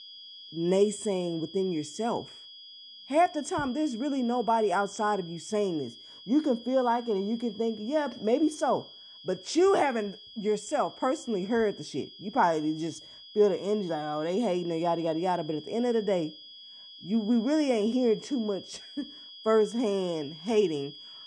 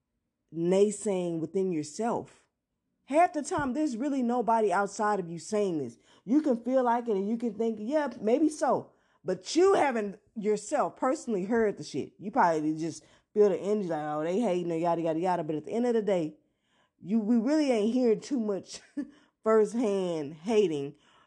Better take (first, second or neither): second